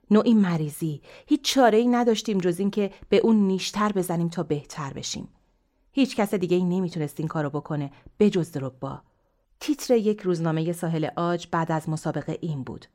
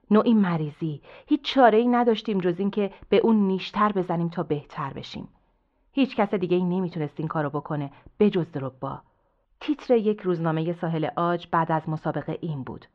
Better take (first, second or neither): first